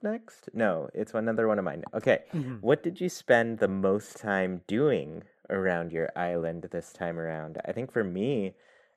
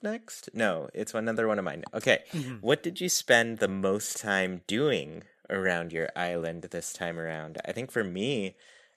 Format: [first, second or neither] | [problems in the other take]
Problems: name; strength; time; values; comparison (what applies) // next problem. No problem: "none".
second | muffled; slightly; fading above 2 kHz